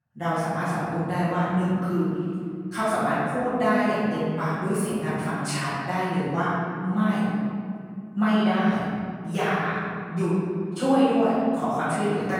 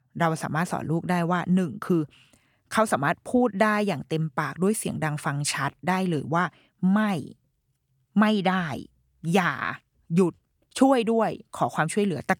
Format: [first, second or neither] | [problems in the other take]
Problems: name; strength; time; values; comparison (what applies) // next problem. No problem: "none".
second | off-mic speech; far // room echo; strong; dies away in 2.1 s